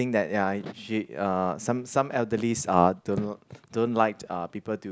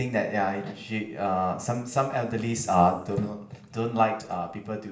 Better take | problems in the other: first | room echo; dies away in 0.7 s

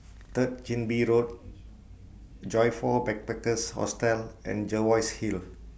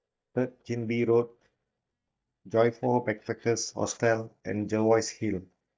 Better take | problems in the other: first | noise reduction (neural mask model DeepFilterNet 3)

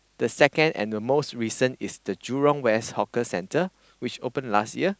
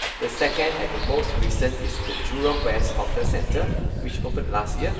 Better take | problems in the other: first | background sound (Bus); 3 dB above the speech // room echo; dies away in 2.6 s

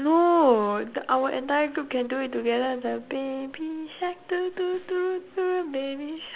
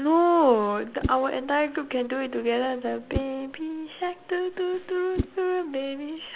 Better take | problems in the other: first | background sound (Whoosh, swoosh, swish); 13 dB below the speech

